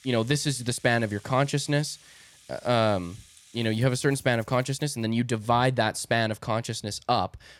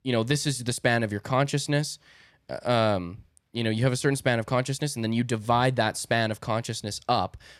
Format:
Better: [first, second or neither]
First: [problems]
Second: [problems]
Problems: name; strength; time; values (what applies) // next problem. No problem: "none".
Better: second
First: background music; faint; until 4.5 s; 25 dB below the speech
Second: none